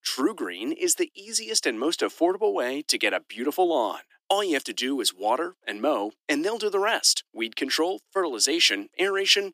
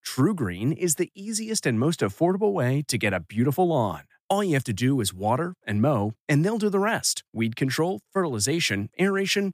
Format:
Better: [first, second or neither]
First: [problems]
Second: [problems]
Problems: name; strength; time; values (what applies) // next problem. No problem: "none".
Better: second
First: thin; somewhat; fading below 300 Hz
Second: none